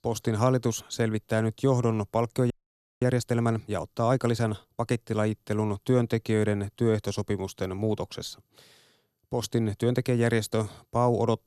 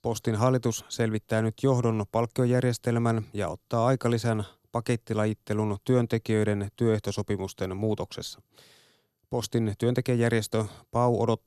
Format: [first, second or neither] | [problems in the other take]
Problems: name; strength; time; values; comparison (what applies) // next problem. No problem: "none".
second | audio freezing; at 2.5 s for 0.5 s